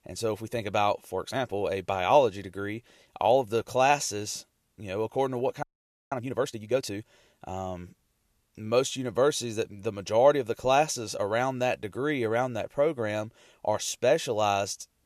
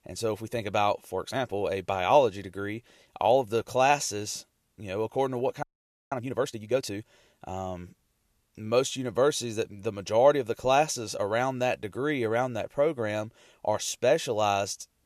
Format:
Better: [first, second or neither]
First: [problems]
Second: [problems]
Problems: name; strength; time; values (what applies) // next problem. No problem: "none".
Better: neither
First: audio freezing; at 5.5 s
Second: audio freezing; at 5.5 s